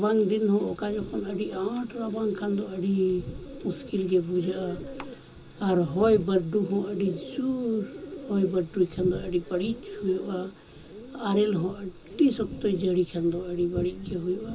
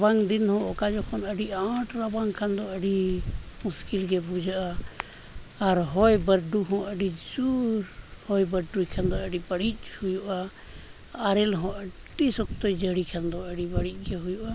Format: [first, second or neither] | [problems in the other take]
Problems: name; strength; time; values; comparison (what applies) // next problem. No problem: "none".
second | background sound (Bird); 15 dB below the speech // room echo; dies away in 0.2 s